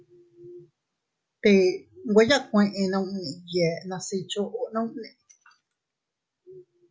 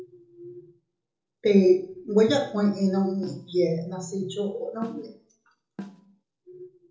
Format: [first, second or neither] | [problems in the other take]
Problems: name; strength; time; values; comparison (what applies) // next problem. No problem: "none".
first | noise reduction (neural separator model SepFormer DNS4)